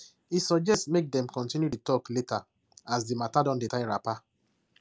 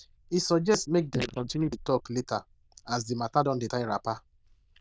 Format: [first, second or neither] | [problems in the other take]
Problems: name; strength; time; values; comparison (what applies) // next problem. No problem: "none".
first | noise reduction (neural diffusion model UNIVERSE++)